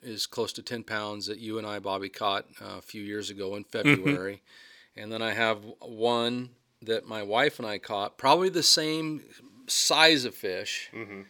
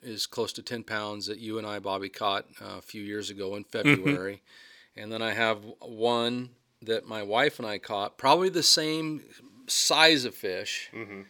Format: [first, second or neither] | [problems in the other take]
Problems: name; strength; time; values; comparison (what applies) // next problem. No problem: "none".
neither | thin; very slightly; fading below 850 Hz; the same in both